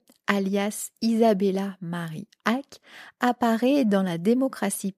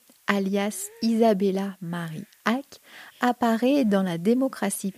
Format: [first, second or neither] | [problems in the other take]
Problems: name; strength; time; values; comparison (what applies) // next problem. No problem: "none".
first | hiss; faint; throughout; 30 dB below the speech